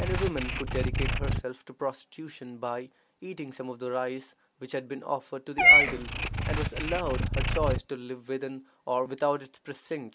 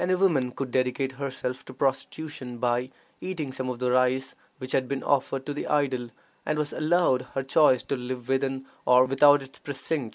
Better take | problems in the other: second | background sound (Meow / Purr); 4 dB above the speech

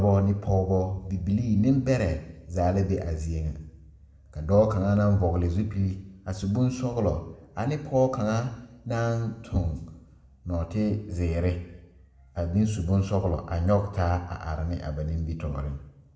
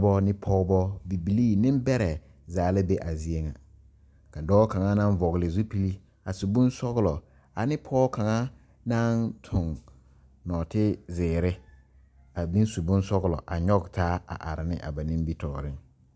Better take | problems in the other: second | room echo; dies away in 0.7 s

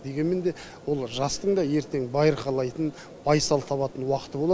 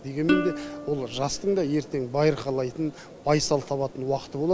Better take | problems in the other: first | background sound (Plucked string instrument); 6 dB below the speech

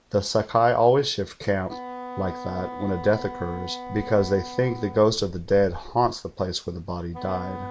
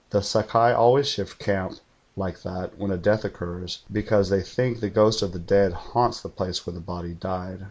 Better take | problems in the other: second | background sound (Wind instrument, woodwind instrument); 14 dB below the speech

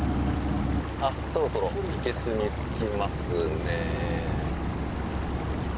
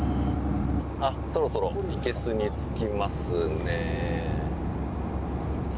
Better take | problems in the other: second | background sound (Stream); 13 dB below the speech

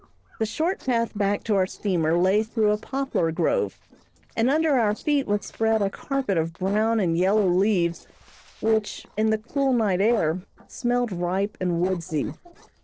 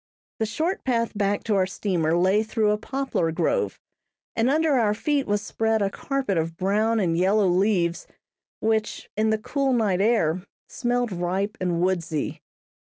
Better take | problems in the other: second | noise reduction (neural separator model SepFormer DNS4)

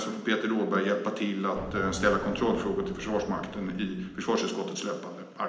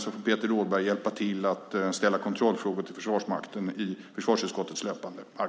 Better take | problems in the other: second | background sound (Explosion); 13 dB below the speech // room echo; dies away in 0.9 s

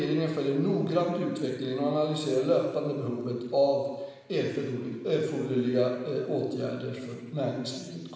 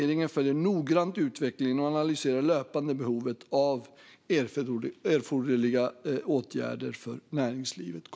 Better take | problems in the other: second | room echo; dies away in 1.3 s

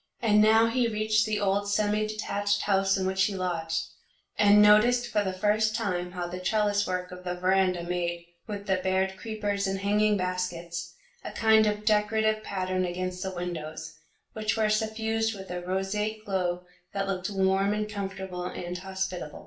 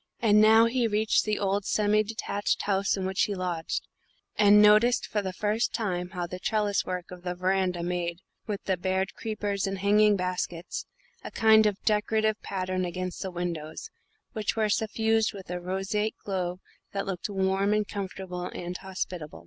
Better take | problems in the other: second | room echo; dies away in 0.3 s

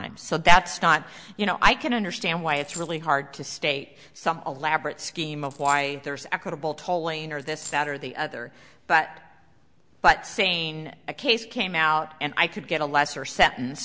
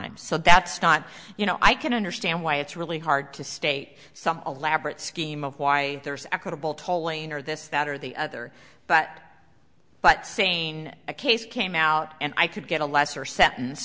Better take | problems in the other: second | background sound (Coin (dropping)); 17 dB below the speech

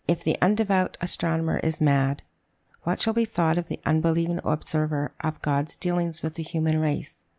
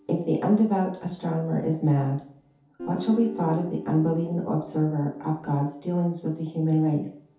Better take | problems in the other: first | background sound (Guitar); 17 dB below the speech // room echo; dies away in 0.5 s

